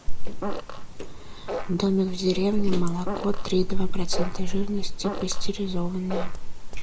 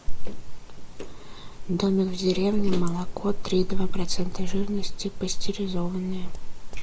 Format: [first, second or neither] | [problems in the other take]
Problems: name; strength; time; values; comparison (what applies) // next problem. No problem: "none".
second | background sound (Fart); 14 dB below the speech